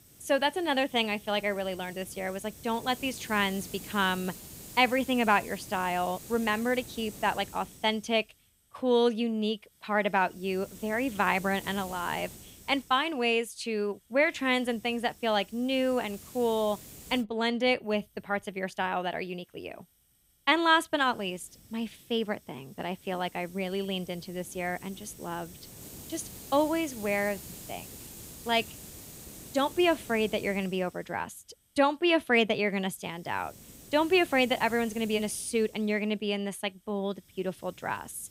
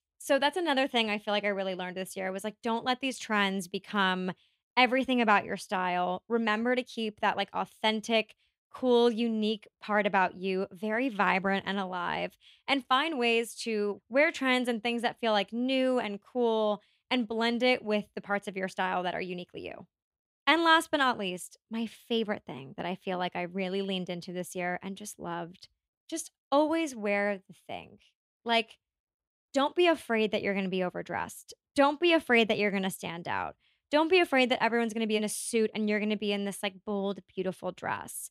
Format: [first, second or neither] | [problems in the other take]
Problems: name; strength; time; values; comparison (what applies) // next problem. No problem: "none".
second | hiss; noticeable; throughout; 15 dB below the speech